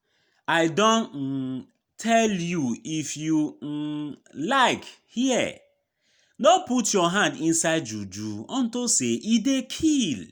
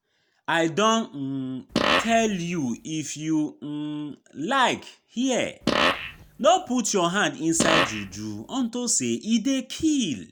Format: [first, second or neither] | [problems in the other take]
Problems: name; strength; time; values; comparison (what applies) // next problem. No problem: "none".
first | background sound (Fart); 1 dB below the speech